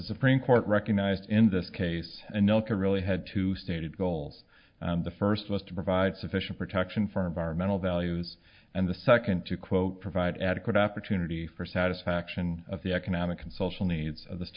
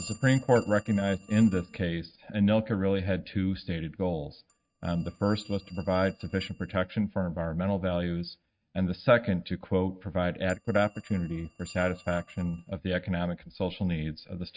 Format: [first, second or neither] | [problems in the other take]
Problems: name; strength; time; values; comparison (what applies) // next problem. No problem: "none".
first | noise reduction (neural mask model RNNoise)